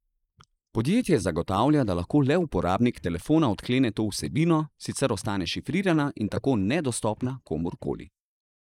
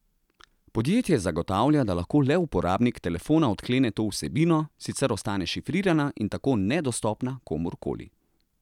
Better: second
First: noise reduction (neural mask model Resemble Enhance denoiser)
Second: none

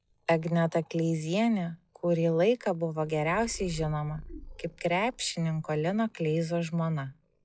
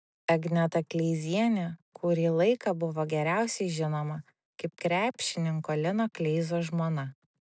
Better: second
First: noise reduction (classical method log-MMSE)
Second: none

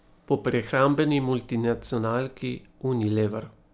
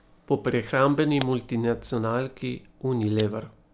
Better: first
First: none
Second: background sound (Camera); 20 dB below the speech

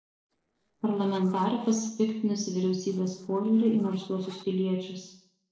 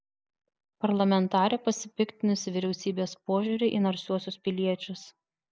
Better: second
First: noise reduction (neural separator model SepFormer DNS4)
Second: none

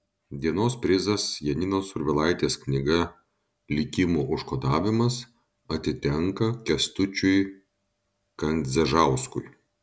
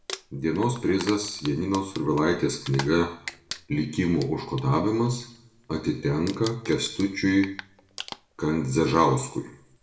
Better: first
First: none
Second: background sound (Crumpling, crinkling); 17 dB below the speech // room echo; dies away in 0.5 s

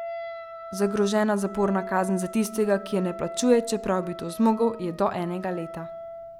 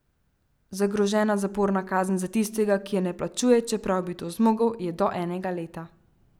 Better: second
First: background sound (Wind instrument, woodwind instrument); 12 dB below the speech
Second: none

